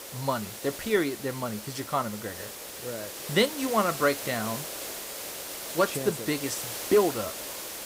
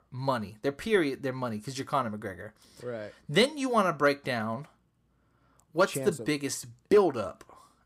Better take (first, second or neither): second